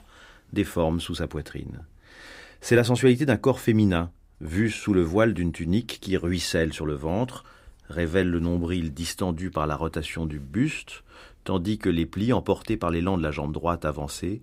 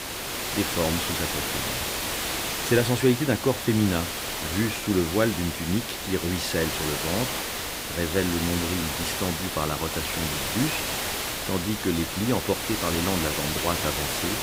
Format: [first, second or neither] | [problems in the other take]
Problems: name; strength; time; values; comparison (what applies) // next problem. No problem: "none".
first | hiss; loud; throughout; 1 dB below the speech